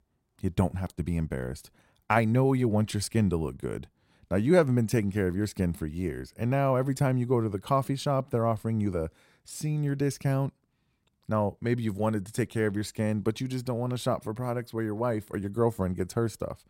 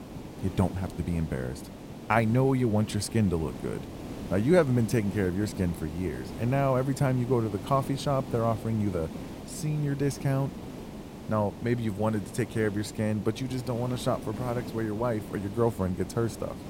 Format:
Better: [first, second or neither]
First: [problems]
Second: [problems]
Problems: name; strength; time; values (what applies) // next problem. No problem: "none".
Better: first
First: none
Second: hiss; noticeable; throughout; 10 dB below the speech